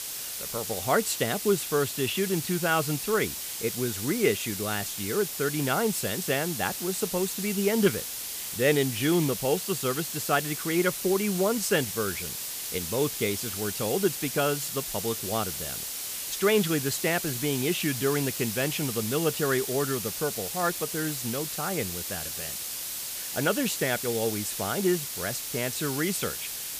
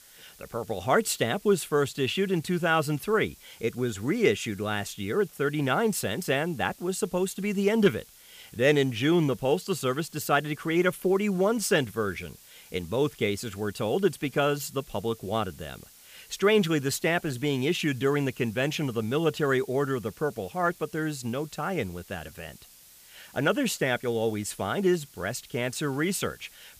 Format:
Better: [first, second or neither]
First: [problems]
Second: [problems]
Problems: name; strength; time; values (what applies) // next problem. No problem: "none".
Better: second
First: hiss; loud; throughout; 4 dB below the speech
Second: hiss; faint; throughout; 25 dB below the speech